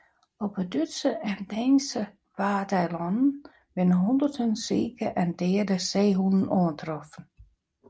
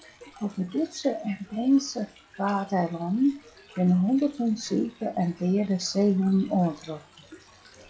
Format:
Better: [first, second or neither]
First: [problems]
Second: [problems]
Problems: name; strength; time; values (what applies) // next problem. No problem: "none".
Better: first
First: none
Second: noise reduction (classical method log-MMSE)